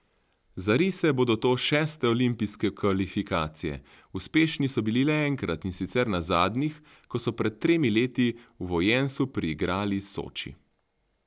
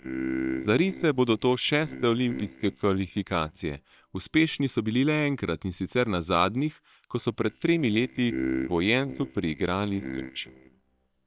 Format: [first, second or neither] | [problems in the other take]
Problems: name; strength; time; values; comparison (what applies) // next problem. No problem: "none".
first | noise reduction (neural separator model SepFormer WHAM!)